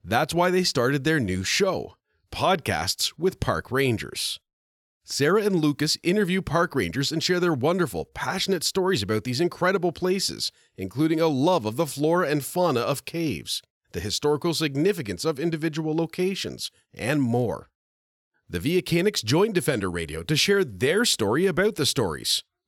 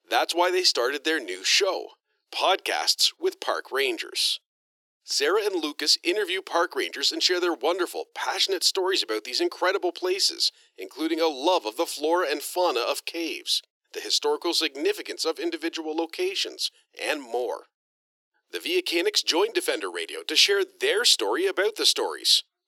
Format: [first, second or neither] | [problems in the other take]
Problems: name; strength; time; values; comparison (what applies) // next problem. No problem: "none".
first | thin; very; fading below 350 Hz